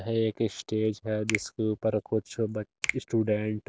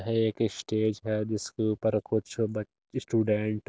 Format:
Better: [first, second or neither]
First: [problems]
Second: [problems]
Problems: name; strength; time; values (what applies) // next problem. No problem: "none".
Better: second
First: background sound (Finger snapping); 10 dB below the speech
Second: none